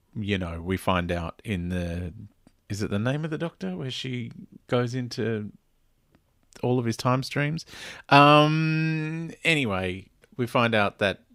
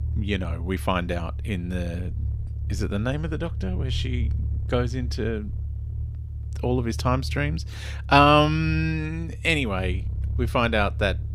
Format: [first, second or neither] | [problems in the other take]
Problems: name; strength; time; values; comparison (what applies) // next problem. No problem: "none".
first | low rumble; faint; throughout; 20 dB below the speech